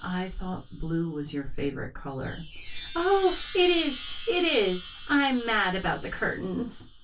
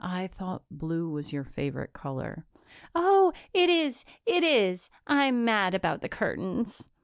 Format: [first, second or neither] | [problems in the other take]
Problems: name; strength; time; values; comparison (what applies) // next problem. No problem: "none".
second | background sound (Chime); 12 dB below the speech // room echo; dies away in 0.1 s